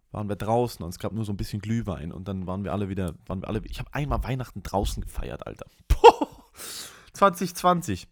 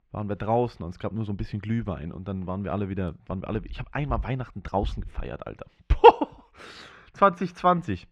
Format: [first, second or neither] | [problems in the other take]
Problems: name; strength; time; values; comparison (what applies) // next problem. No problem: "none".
first | muffled; slightly; fading above 2.5 kHz